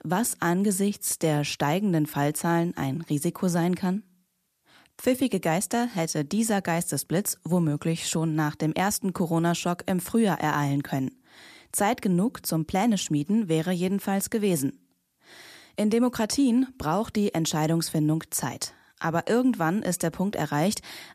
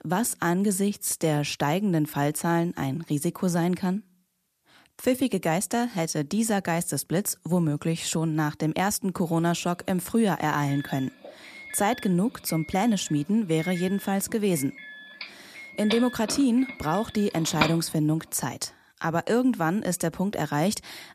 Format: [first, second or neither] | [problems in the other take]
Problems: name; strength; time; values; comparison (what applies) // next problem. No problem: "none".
first | doorbell; noticeable; from 15 to 18 s; peak 1 dB below the speech